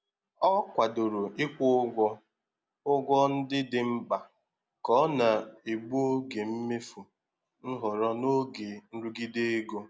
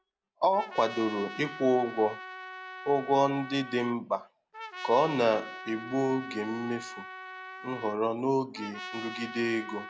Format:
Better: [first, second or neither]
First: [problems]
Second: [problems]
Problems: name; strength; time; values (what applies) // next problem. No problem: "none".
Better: first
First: none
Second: background sound (Trumpet); 13 dB below the speech